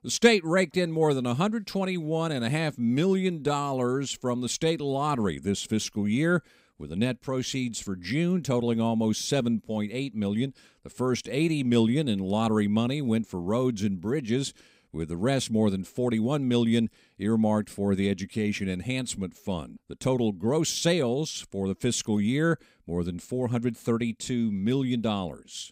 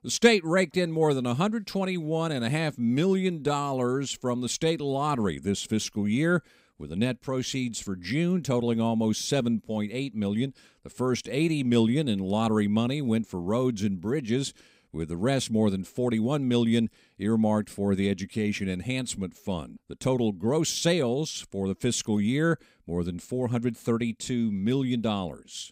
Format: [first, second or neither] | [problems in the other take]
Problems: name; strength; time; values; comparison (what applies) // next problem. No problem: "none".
neither | none